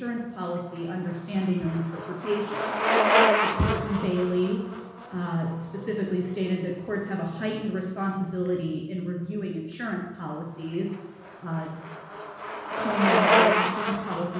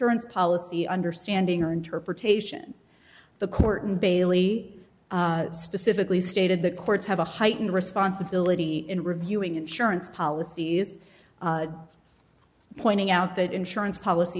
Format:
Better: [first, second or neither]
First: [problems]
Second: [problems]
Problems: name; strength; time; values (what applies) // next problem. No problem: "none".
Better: second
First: background sound (Bicycle); 1 dB above the speech // room echo; dies away in 1.1 s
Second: none